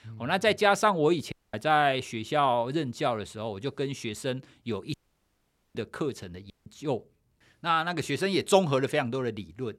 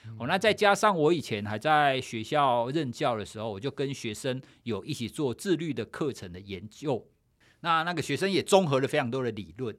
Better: second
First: audio cutting out; at 1.5 s, at 5 s for 1 s and at 6.5 s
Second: none

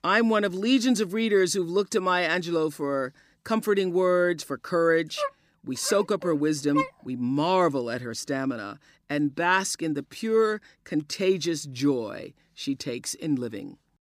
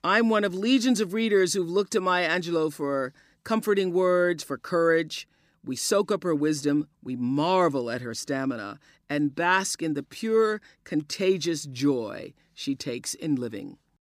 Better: second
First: dog barking; noticeable; from 5 to 7 s; peak 5 dB below the speech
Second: none

